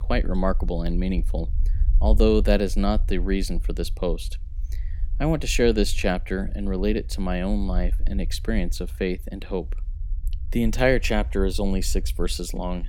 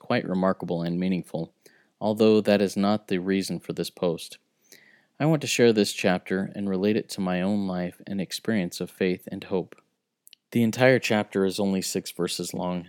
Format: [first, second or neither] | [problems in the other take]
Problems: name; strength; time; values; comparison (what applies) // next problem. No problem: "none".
second | low rumble; faint; throughout; 25 dB below the speech